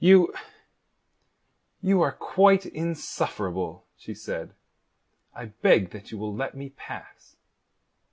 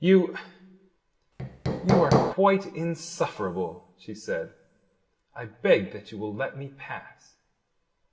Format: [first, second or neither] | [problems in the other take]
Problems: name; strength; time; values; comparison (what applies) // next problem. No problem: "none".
first | background sound (Hammer); 4 dB above the speech // room echo; dies away in 0.7 s